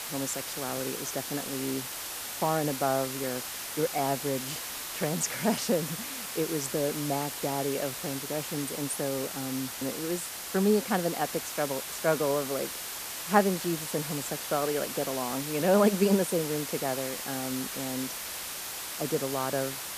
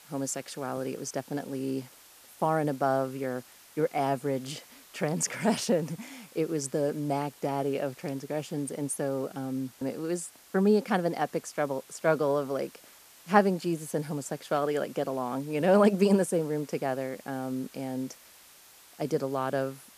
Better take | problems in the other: second | hiss; loud; throughout; 4 dB below the speech; faint in the second

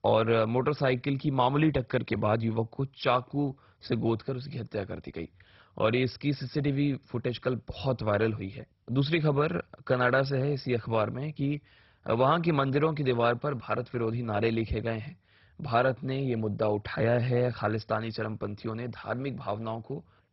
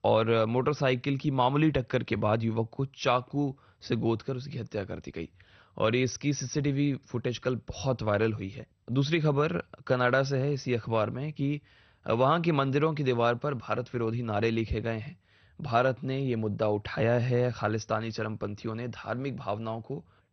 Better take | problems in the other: second | garbled, watery; badly; nothing above 5.5 kHz; slightly in the second

